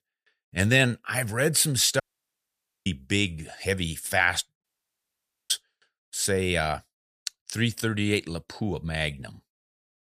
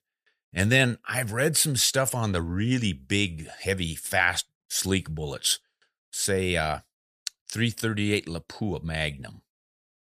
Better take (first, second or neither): second